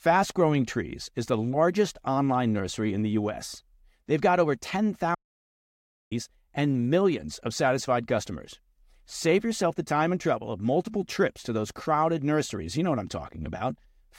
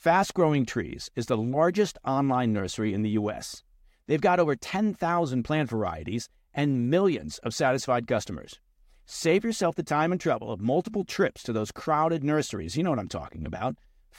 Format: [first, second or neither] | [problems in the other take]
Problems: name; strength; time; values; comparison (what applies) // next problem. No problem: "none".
second | audio cutting out; at 5 s for 1 s